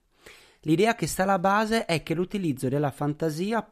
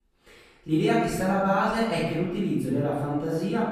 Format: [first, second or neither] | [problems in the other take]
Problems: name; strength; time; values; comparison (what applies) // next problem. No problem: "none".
first | room echo; strong; dies away in 1 s // off-mic speech; far